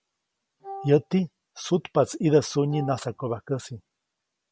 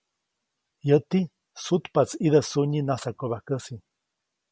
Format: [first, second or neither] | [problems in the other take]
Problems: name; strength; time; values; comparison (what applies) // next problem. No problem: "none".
second | background sound (Wind instrument, woodwind instrument); 15 dB below the speech